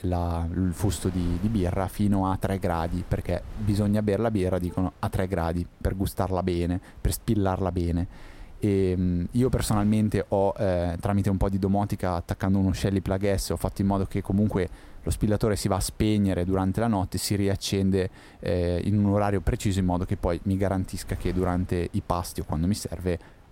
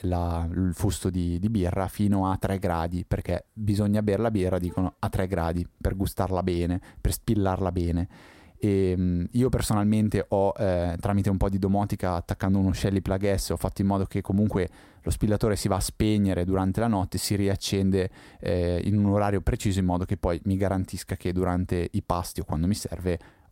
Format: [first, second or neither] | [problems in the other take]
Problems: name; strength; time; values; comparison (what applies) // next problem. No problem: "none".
second | wind noise on the microphone; occasional gusts; 25 dB below the speech